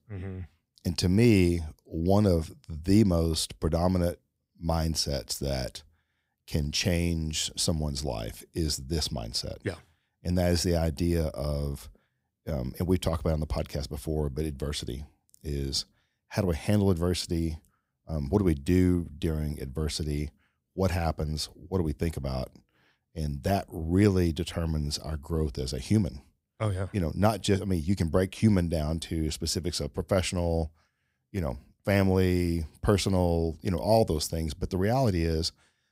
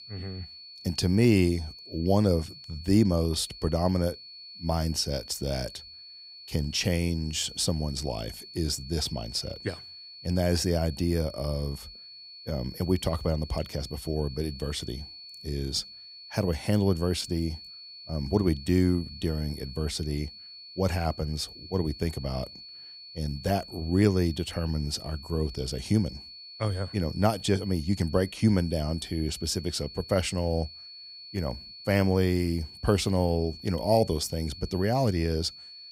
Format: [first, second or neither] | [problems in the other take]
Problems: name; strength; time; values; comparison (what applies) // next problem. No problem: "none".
first | high-pitched whine; noticeable; throughout; 4.5 kHz, 15 dB below the speech